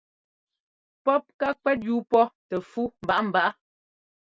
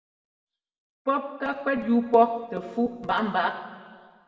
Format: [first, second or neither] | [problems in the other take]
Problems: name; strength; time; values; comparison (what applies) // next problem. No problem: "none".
first | room echo; dies away in 1.5 s